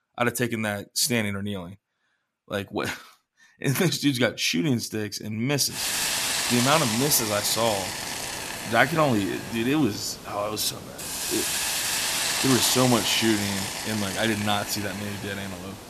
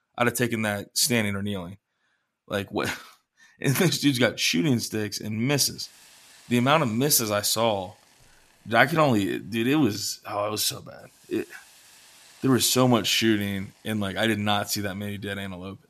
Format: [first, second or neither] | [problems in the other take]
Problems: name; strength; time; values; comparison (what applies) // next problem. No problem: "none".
second | hiss; loud; from 6 s on; 2 dB below the speech; faint in the second